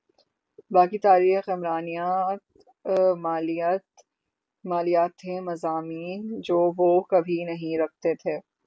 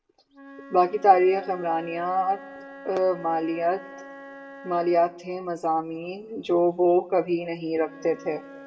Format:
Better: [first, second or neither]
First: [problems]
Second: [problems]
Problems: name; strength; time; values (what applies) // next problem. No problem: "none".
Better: first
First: none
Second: background sound (Wind instrument, woodwind instrument); 19 dB below the speech // room echo; dies away in 1.3 s